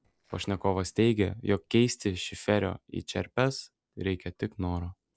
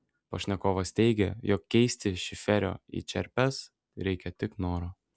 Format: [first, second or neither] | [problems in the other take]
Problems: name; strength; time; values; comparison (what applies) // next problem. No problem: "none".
second | noise reduction (neural separator model SepFormer DNS4)